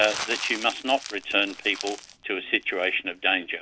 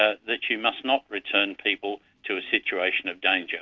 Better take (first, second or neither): second